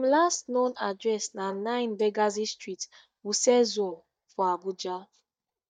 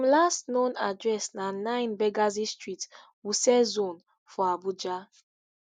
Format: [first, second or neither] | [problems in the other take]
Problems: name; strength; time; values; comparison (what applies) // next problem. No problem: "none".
second | noise reduction (neural mask model DeepFilterNet 3)